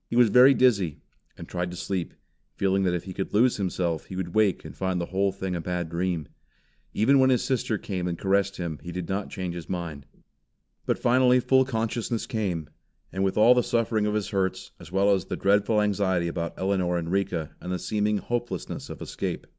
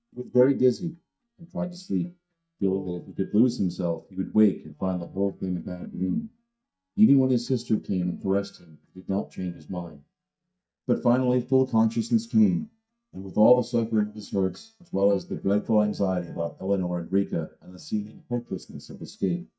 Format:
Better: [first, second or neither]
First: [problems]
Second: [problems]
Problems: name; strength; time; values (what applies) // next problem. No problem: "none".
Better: first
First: none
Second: noise reduction (neural mask model DeepFilterNet 3)